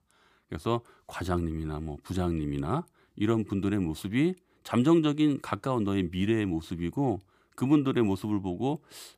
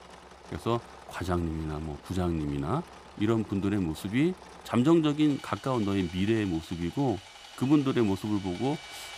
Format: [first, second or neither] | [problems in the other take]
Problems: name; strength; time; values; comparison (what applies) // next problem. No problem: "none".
first | machinery noise; noticeable; throughout; 20 dB below the speech